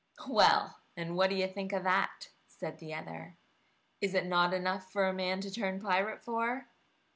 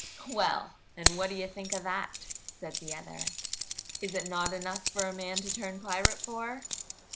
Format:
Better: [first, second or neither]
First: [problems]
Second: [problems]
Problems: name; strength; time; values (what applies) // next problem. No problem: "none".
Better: first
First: none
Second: background sound (Keys jangling); 1 dB above the speech